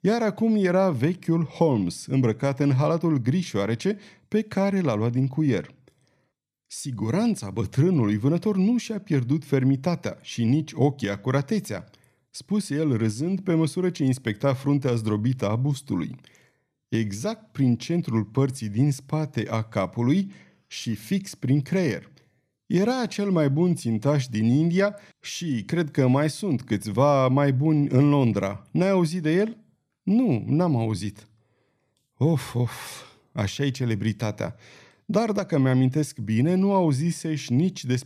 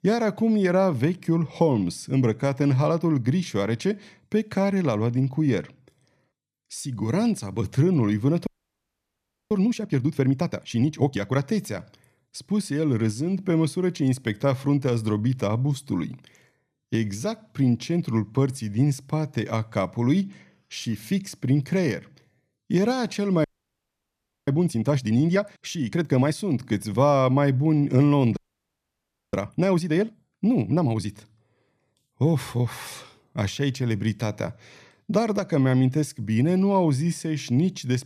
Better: first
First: none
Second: audio freezing; at 8.5 s for 1 s, at 23 s for 1 s and at 28 s for 1 s

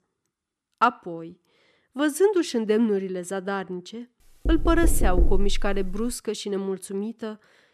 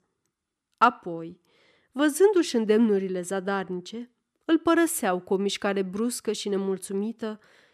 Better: second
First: door banging; loud; from 4.5 to 6 s; peak 1 dB above the speech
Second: none

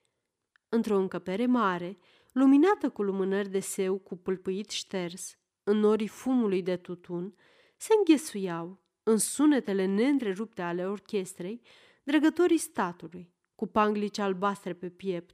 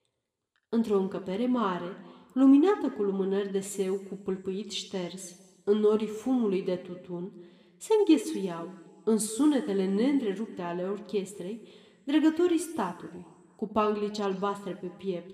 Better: first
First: none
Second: room echo; very slight; dies away in 1.2 s

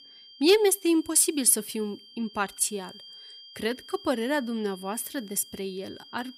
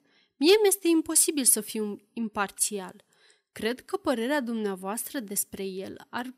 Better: second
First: high-pitched whine; faint; throughout; 3 kHz, 20 dB below the speech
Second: none

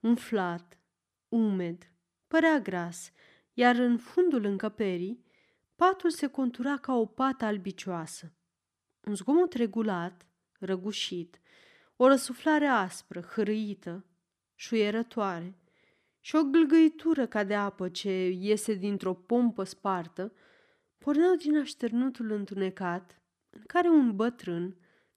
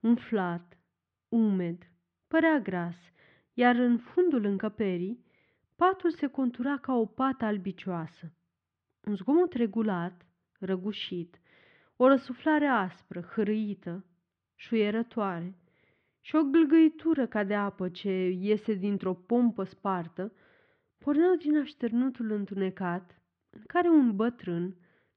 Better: first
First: none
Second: muffled; slightly; fading above 3 kHz

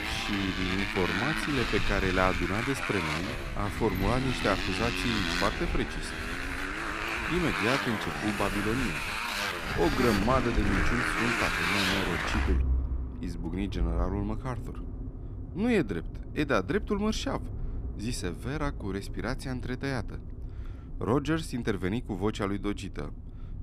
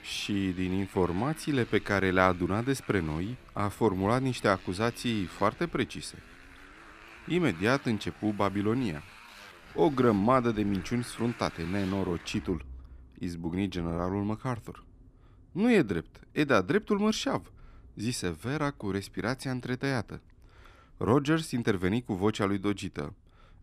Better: second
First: traffic noise; loud; throughout; 1 dB below the speech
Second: traffic noise; faint; throughout; 20 dB below the speech

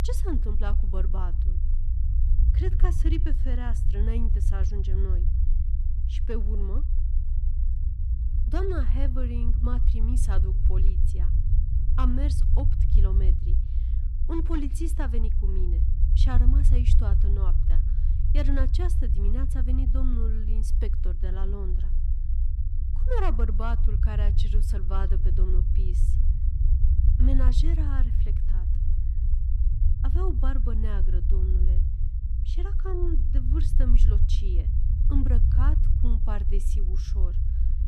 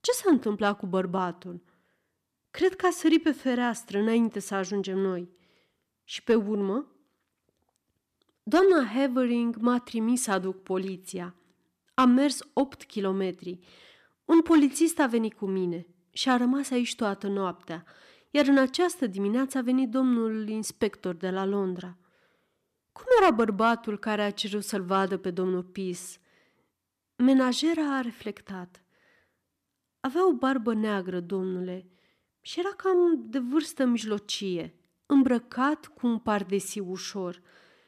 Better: second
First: low rumble; loud; throughout; 6 dB below the speech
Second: none

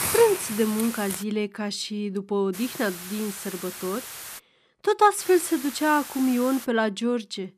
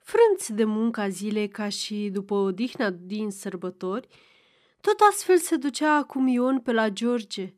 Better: second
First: hiss; loud; until 1 s, from 2.5 to 4.5 s and from 5 to 6.5 s; 9 dB below the speech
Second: none

